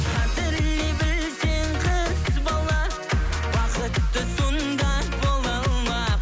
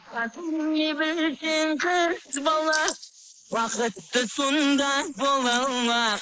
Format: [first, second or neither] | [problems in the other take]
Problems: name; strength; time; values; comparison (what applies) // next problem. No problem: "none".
first | noise reduction (neural mask model Resemble Enhance denoiser)